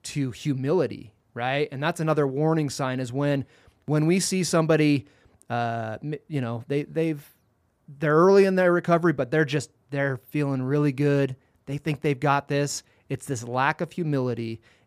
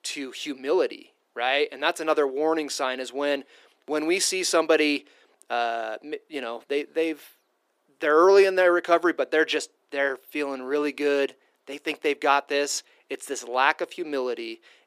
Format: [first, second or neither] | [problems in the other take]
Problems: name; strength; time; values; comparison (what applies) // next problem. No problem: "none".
first | thin; somewhat; fading below 350 Hz